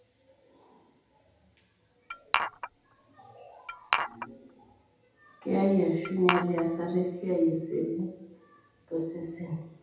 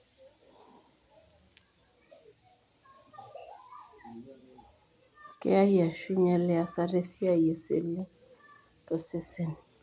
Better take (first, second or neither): second